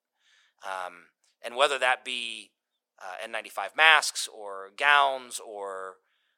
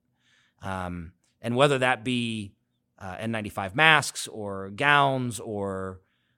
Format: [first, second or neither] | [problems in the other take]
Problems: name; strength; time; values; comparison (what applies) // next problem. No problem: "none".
second | thin; very; fading below 550 Hz